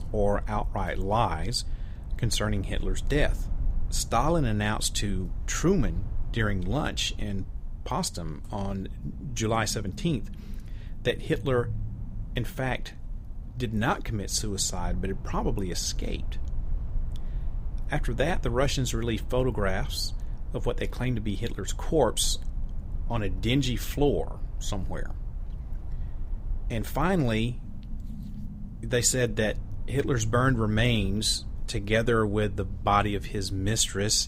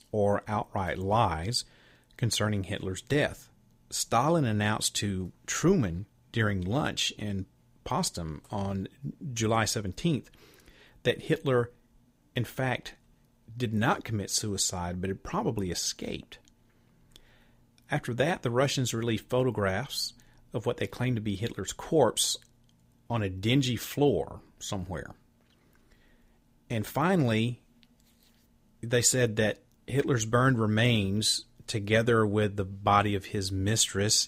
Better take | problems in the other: second | low rumble; faint; throughout; 25 dB below the speech

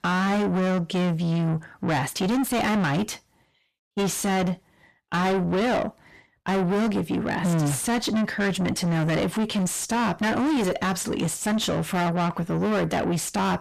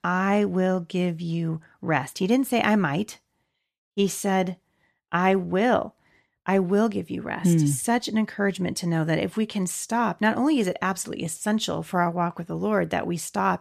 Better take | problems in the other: second | distortion; heavy; 5 dB below the speech

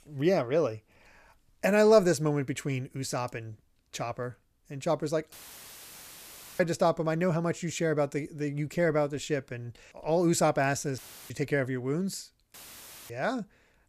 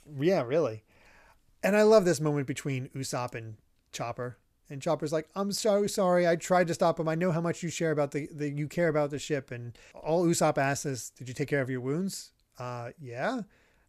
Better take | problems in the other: second | audio cutting out; filled with static; at 5.5 s for 1.5 s, at 11 s and at 13 s for 0.5 s

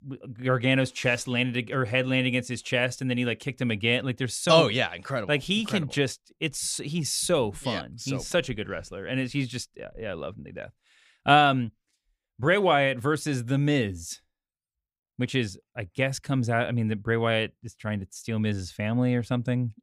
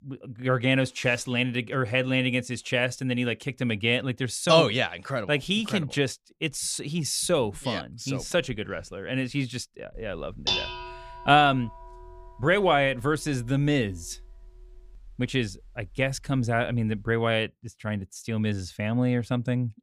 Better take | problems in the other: first | clattering dishes; noticeable; from 10 to 16 s; peak level with the speech

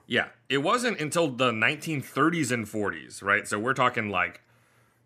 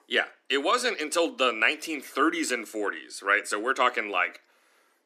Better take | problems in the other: first | thin; somewhat; fading below 300 Hz

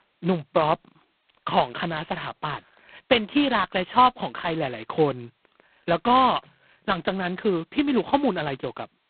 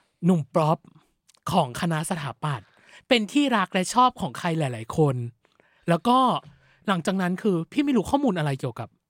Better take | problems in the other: second | phone-call audio; poor line; nothing above 4 kHz

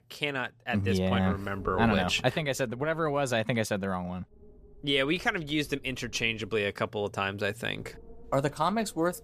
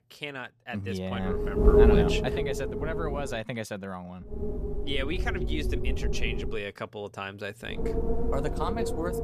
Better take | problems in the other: first | wind noise on the microphone; heavy; from 1 to 3.5 s, from 4.5 to 6.5 s and from 8 s on; 3 dB above the speech; occasional gusts in the first

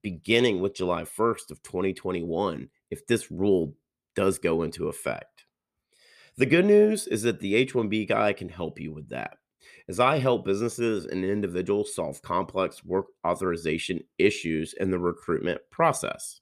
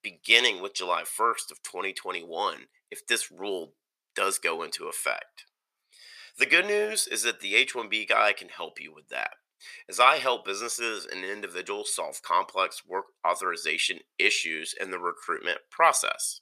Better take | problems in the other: first | thin; very; fading below 1 kHz

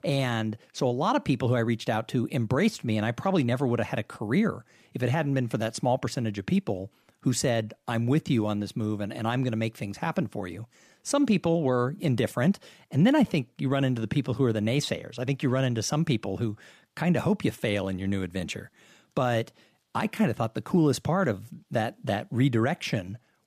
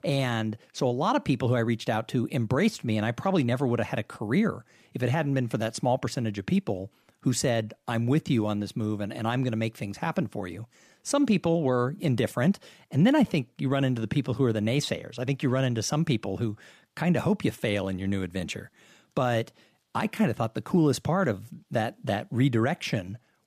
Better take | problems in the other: neither | none

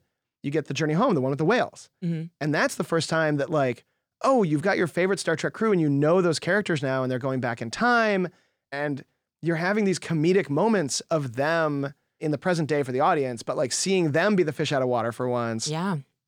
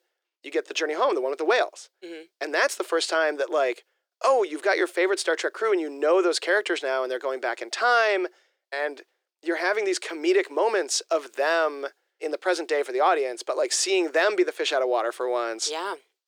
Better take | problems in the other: first | thin; very; fading below 350 Hz

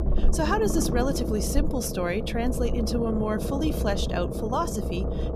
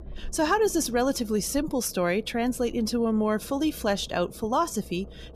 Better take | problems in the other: second | low rumble; loud; throughout; 5 dB below the speech; faint in the second

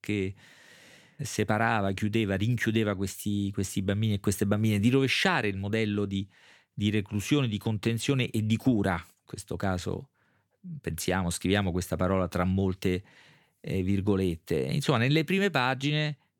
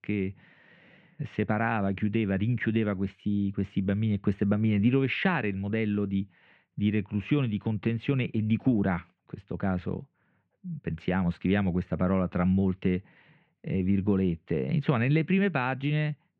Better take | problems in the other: first | muffled; very; fading above 2.5 kHz

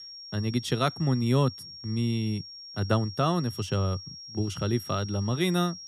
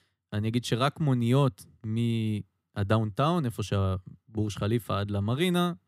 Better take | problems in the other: second | high-pitched whine; noticeable; throughout; 5.5 kHz, 10 dB below the speech

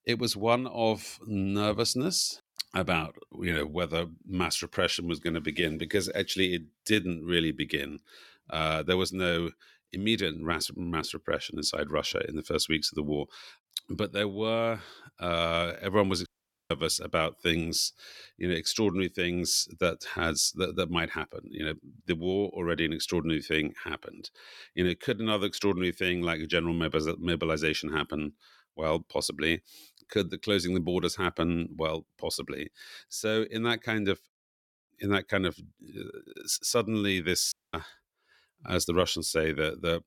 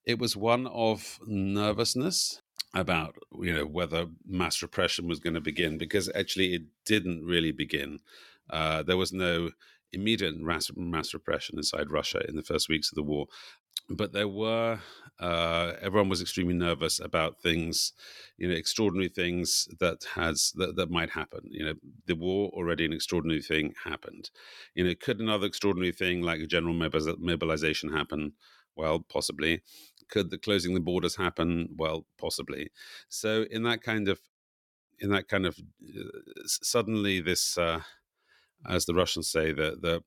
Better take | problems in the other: second | audio cutting out; at 16 s and at 38 s

